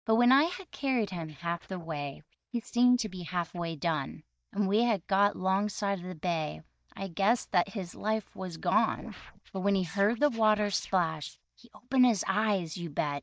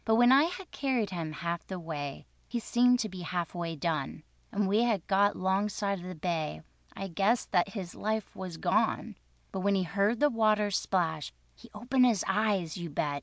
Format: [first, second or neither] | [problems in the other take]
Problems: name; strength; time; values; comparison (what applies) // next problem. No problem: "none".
second | noise reduction (neural mask model DeepFilterNet 3)